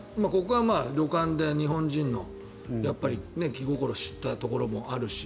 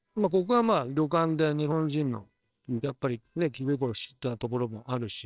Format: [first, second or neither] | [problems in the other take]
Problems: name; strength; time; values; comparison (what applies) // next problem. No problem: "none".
first | noise reduction (neural separator model SepFormer WHAMR!)